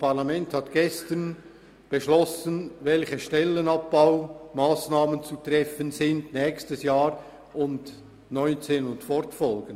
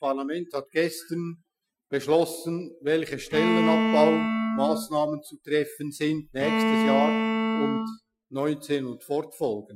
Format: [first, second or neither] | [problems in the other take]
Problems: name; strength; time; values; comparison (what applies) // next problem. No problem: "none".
first | noise reduction (classical method Wiener filter)